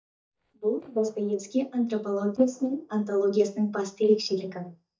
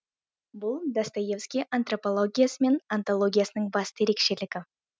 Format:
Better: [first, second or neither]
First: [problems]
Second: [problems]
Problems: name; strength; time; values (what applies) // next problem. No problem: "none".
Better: second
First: noise reduction (neural mask model DeepFilterNet 3)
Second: none